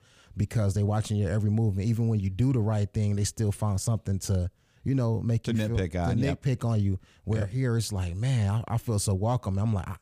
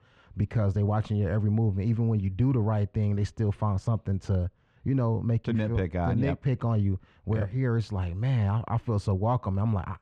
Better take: first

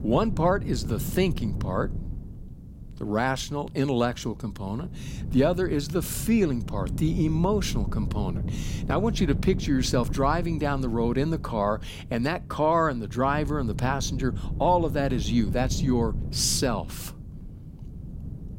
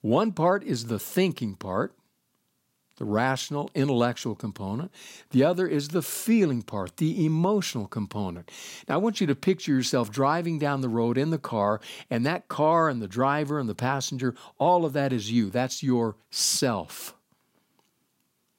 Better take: second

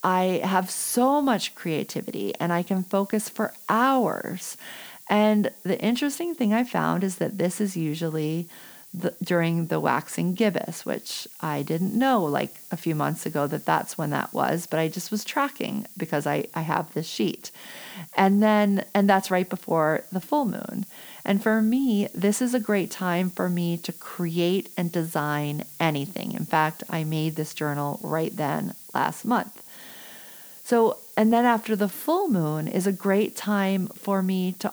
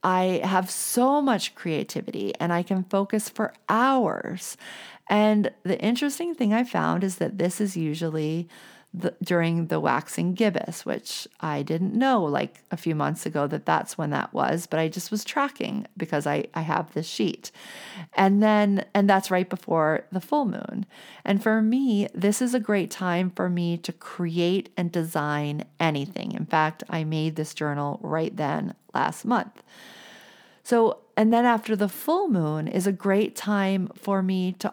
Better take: second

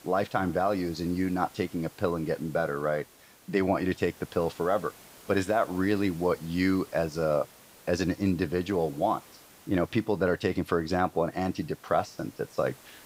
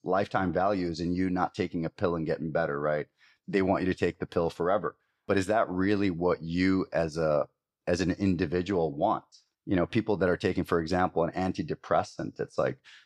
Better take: second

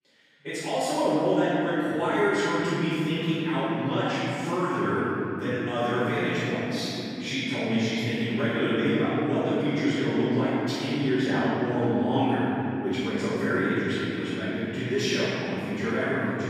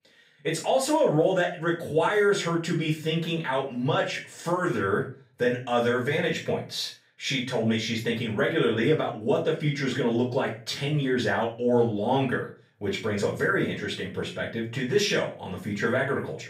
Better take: second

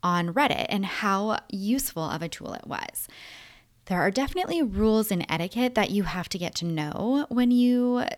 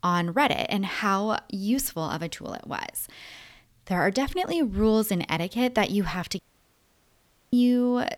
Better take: first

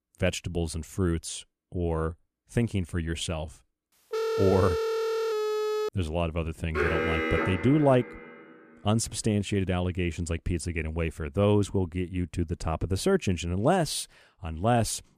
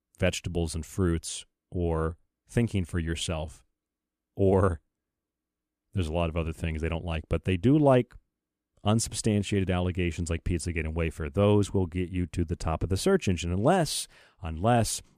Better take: second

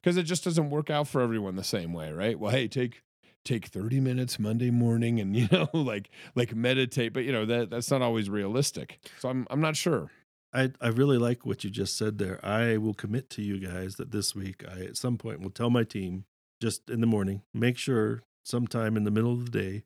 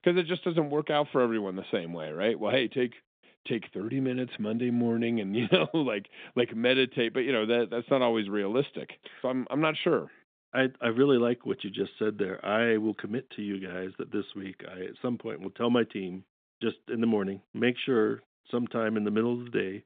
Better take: first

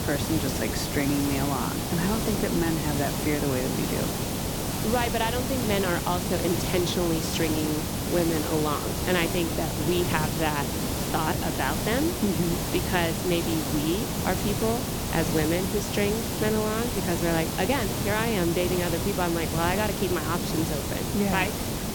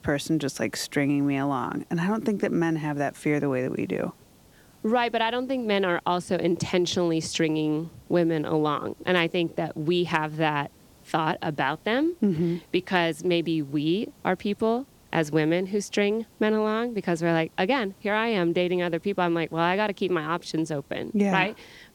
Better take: second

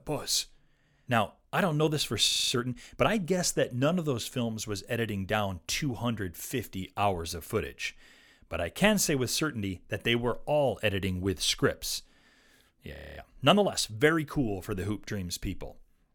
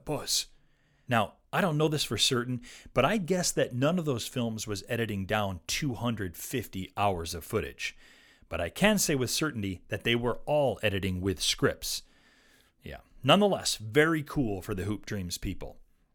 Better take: second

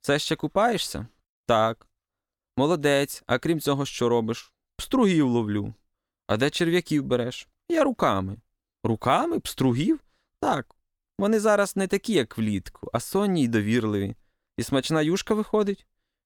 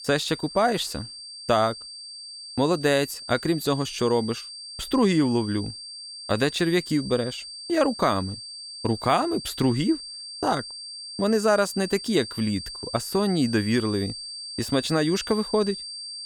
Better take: first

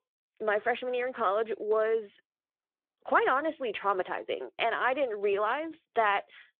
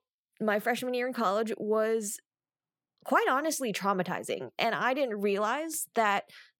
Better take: second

